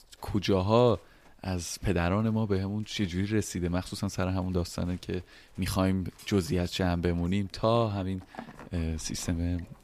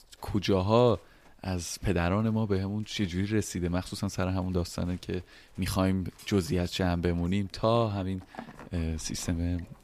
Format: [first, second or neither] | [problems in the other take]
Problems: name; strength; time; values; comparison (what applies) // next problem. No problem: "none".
neither | animal sounds; faint; throughout; 25 dB below the speech; the same in both